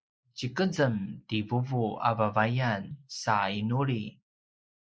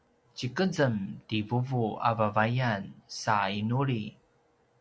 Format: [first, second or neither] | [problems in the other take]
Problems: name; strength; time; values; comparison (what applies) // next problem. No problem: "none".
second | noise reduction (neural mask model Resemble Enhance denoiser)